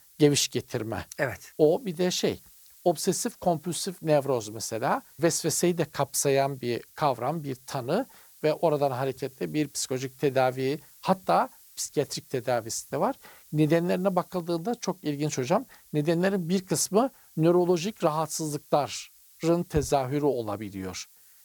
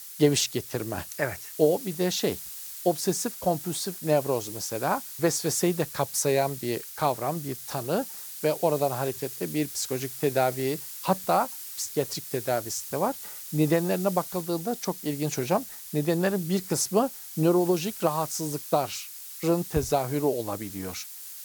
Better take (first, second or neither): first